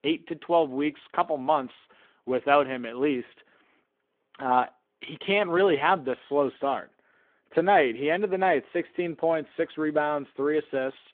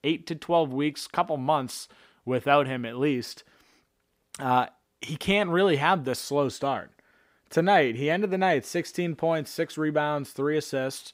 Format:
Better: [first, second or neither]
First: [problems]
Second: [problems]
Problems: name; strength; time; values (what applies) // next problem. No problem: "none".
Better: second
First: phone-call audio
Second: none